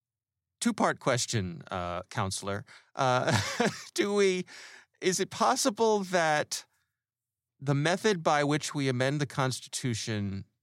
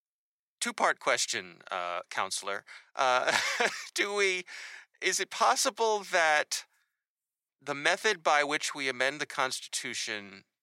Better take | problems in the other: first | thin; very; fading below 500 Hz

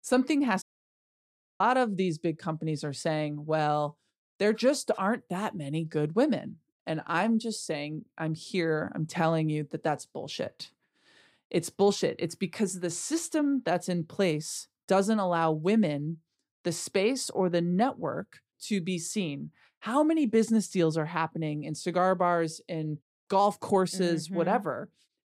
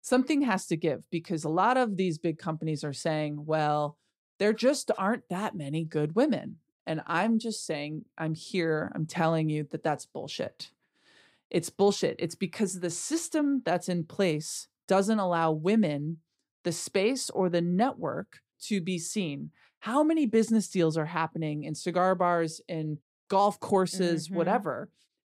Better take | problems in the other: second | audio cutting out; at 0.5 s for 1 s

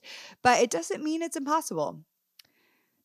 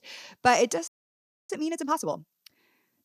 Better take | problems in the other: first | audio freezing; at 1 s for 0.5 s

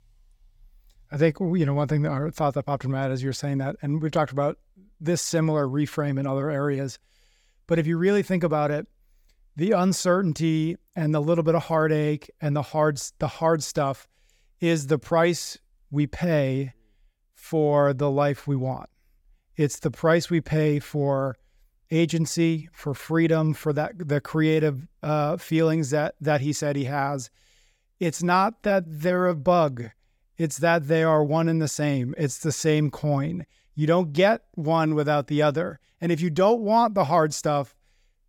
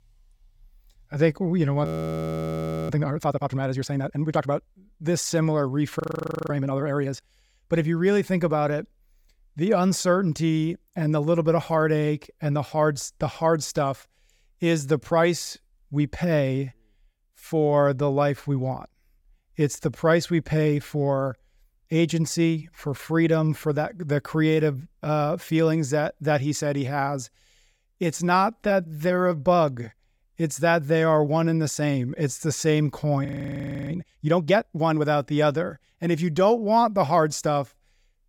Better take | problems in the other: first | audio freezing; at 2 s for 1 s, at 6 s for 0.5 s and at 33 s for 0.5 s

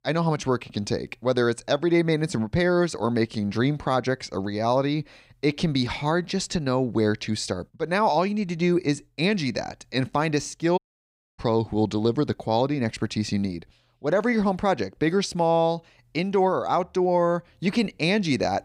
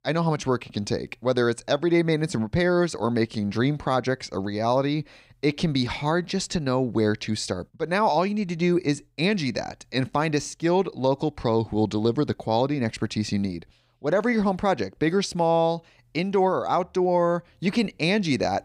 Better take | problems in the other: second | audio cutting out; at 11 s for 0.5 s

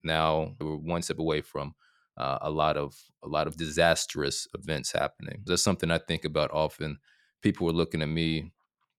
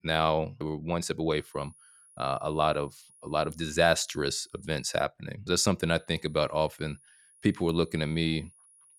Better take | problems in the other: first | high-pitched whine; faint; from 1.5 to 5 s and from 6 s on; 10.5 kHz, 30 dB below the speech

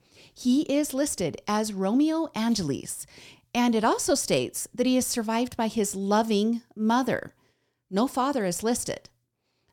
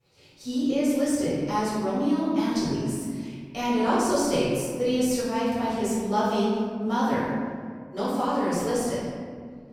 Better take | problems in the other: first | off-mic speech; far // room echo; strong; dies away in 2 s

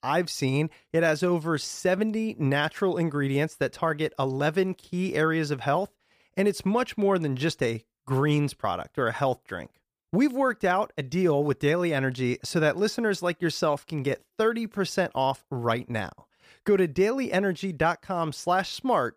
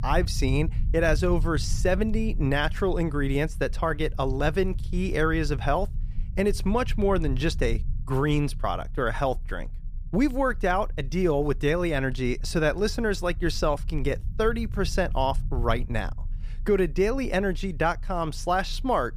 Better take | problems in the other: first | low rumble; faint; throughout; 25 dB below the speech

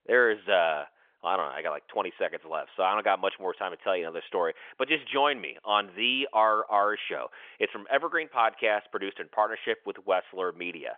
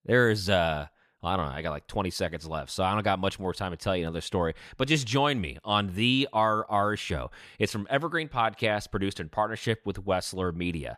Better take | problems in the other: second | phone-call audio; nothing above 3.5 kHz

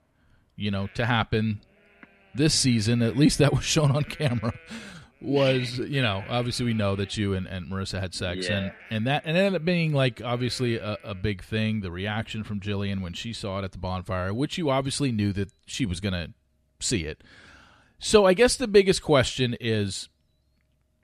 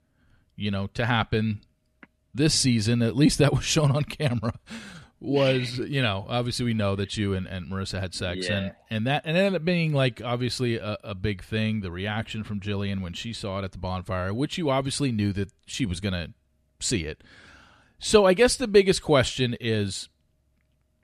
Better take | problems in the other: second | animal sounds; faint; throughout; 25 dB below the speech

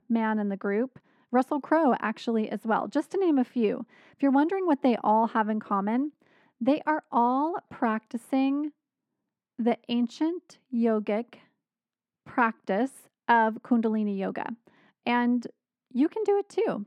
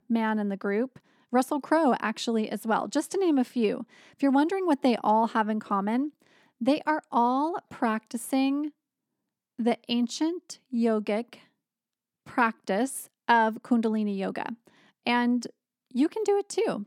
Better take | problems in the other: second | muffled; slightly; fading above 3.5 kHz

